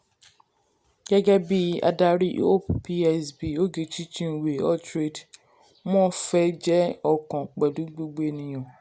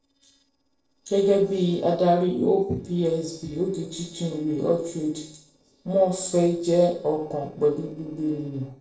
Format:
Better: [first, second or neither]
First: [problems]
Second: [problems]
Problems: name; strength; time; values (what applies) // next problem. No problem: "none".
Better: first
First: none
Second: noise reduction (neural separator model SepFormer DNS4)